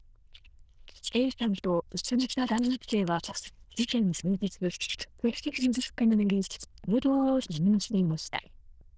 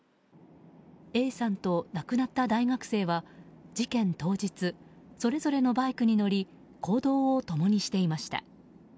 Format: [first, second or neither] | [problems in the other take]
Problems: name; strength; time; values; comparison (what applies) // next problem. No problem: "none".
second | noise reduction (neural diffusion model UNIVERSE++)